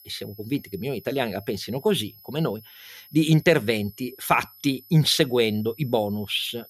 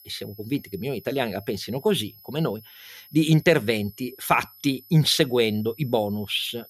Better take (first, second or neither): neither